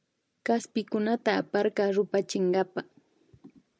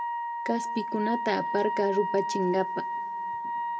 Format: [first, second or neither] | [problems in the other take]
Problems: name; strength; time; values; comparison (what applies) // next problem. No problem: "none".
first | background sound (Wind instrument, woodwind instrument); 1 dB below the speech // room echo; dies away in 2 s